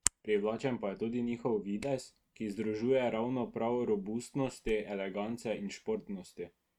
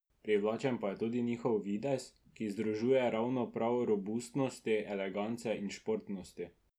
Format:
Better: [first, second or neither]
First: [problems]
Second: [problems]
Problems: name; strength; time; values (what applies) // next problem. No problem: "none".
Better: second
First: noise reduction (neural mask model RNNoise)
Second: none